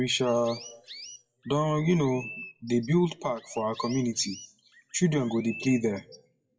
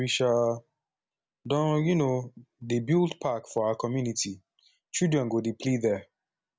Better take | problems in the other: second | noise reduction (classical method WPE with log-MMSE)

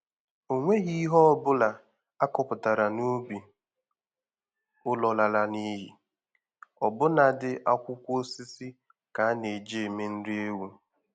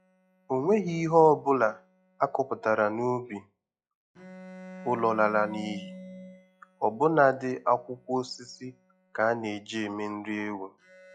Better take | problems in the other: first | noise reduction (classical method log-MMSE)

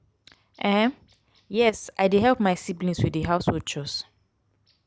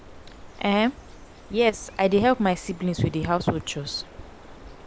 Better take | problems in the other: first | background sound (Bird); 18 dB below the speech

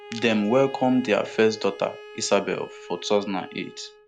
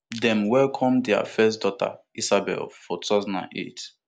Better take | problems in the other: second | background sound (Bowed string instrument); 17 dB below the speech

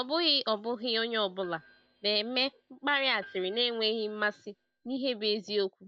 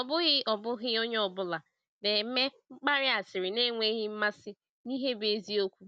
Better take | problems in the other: second | noise reduction (neural mask model DeepFilterNet 3)

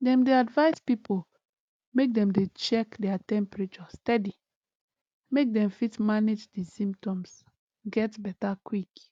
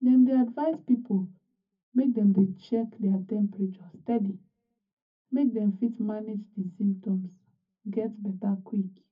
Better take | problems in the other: first | room echo; dies away in 0.3 s

